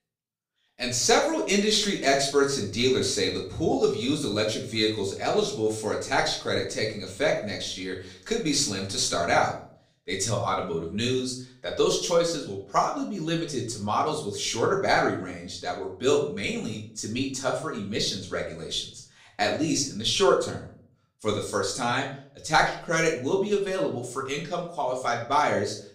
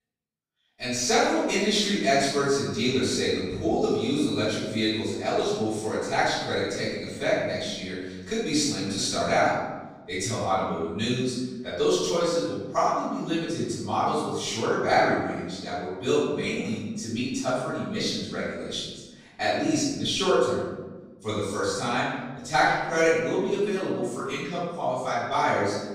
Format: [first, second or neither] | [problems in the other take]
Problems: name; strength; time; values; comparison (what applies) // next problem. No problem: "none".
first | room echo; strong; dies away in 1.2 s; slight in the first // off-mic speech; far; far in the first